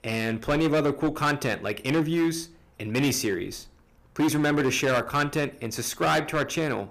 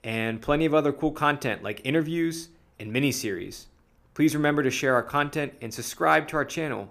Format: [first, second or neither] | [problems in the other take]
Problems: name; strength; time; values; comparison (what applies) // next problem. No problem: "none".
second | distortion; heavy; 10% of the sound clipped